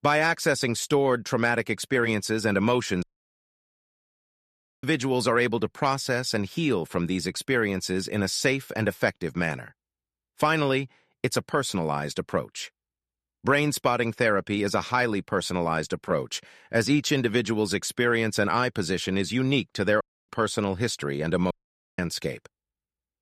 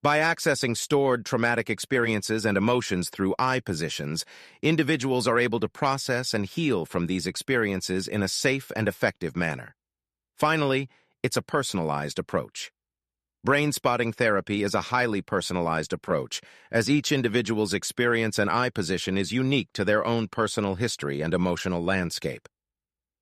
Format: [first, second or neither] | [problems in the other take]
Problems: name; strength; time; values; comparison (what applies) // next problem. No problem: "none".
second | audio cutting out; at 3 s for 2 s, at 20 s and at 22 s